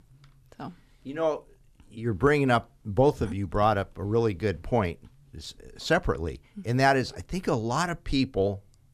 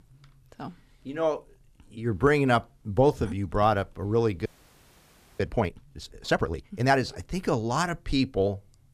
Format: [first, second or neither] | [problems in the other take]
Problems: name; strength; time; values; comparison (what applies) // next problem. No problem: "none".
first | audio freezing; at 4.5 s for 1 s